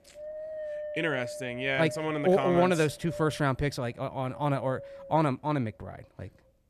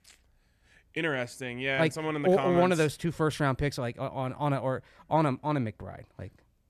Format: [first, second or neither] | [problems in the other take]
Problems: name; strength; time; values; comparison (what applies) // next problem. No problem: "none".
second | wind noise on the microphone; occasional gusts; 10 dB below the speech